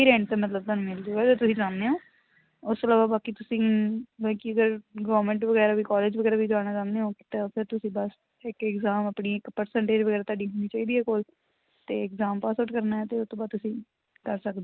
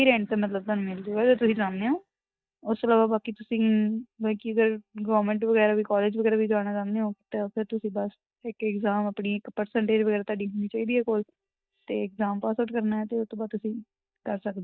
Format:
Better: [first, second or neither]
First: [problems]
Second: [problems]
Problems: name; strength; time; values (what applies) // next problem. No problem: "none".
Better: first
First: none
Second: noise reduction (neural mask model DeepFilterNet 3)